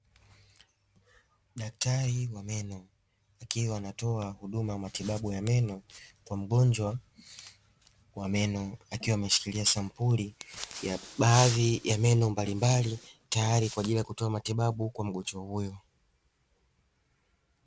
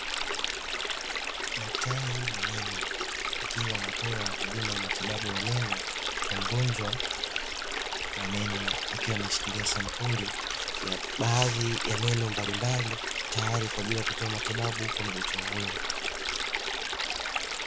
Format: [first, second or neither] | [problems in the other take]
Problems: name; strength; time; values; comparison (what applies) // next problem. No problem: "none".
first | background sound (Stream); 2 dB above the speech